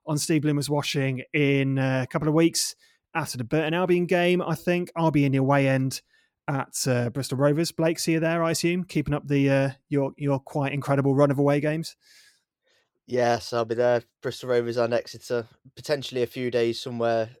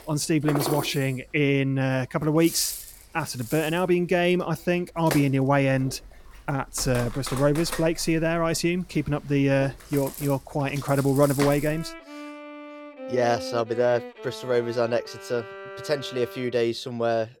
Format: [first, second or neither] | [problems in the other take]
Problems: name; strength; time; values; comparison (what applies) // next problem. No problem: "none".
first | background music; noticeable; throughout; 10 dB below the speech